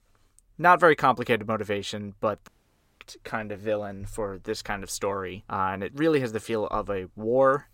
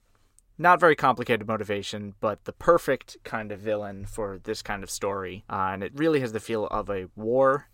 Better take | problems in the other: second | audio cutting out; at 2.5 s for 0.5 s

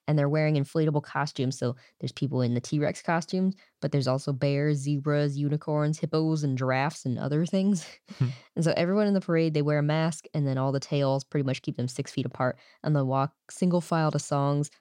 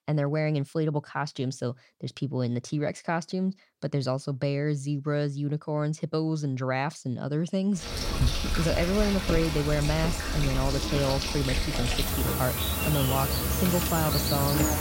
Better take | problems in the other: first | animal sounds; very loud; from 8 s on; 1 dB above the speech

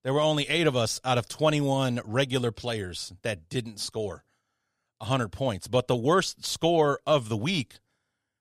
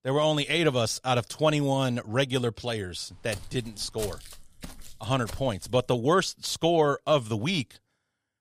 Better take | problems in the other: first | footsteps; faint; from 3 to 6 s; peak 10 dB below the speech

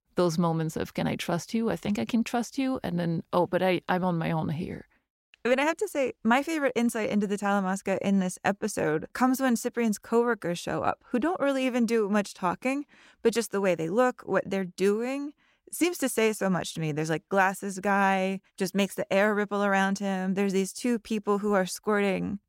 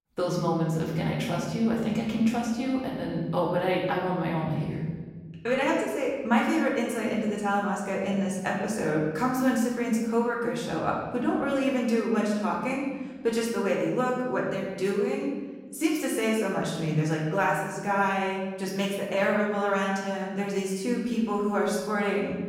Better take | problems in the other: first | room echo; noticeable; dies away in 1.4 s // off-mic speech; far

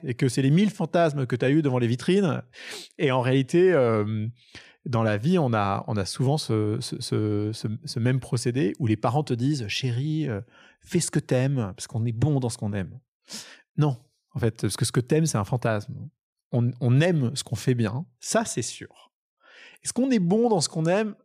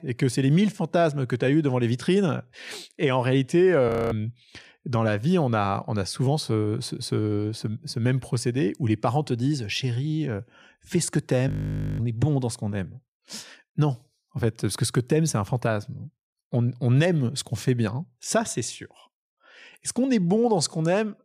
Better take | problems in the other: first | audio freezing; at 4 s and at 11 s for 0.5 s

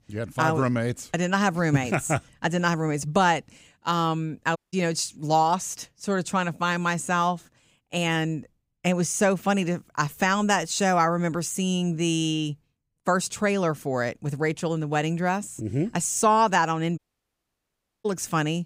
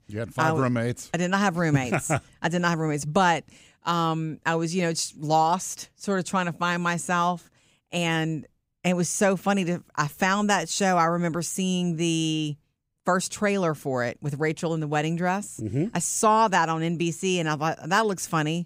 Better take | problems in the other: second | audio cutting out; at 4.5 s and at 17 s for 1 s

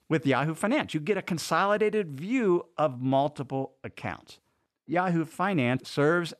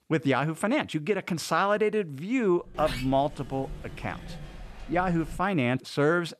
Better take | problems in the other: first | door banging; noticeable; from 2.5 to 5.5 s; peak 8 dB below the speech

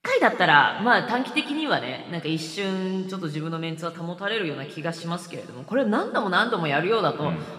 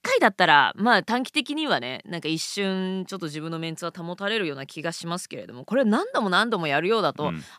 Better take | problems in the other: second | room echo; slight; dies away in 2.1 s

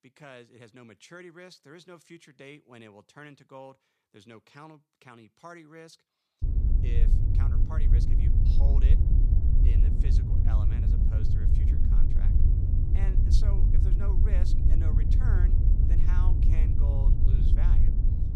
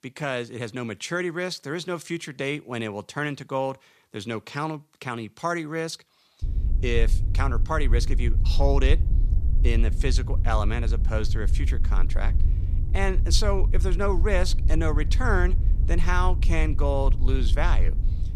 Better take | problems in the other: second | wind noise on the microphone; heavy; from 6.5 s on; 4 dB above the speech; occasional gusts in the second

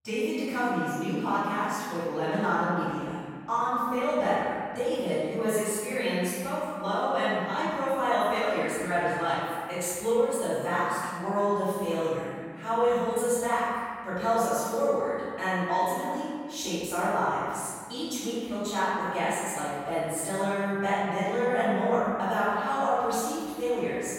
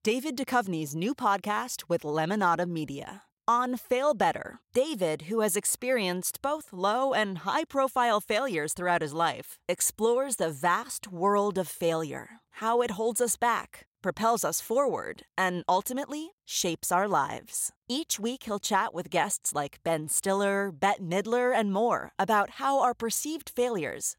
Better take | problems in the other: second | off-mic speech; far // room echo; strong; dies away in 1.9 s

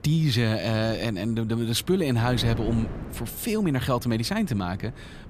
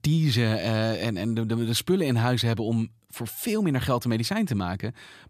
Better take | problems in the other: second | wind noise on the microphone; occasional gusts; 15 dB below the speech

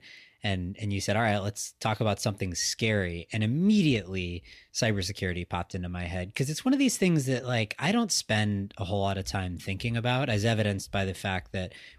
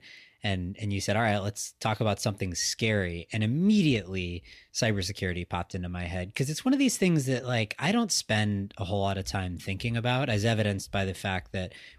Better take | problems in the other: neither | none

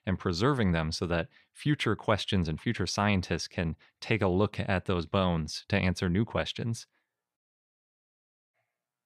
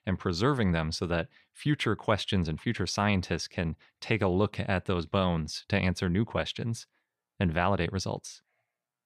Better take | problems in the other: second | audio cutting out; at 7.5 s for 1 s

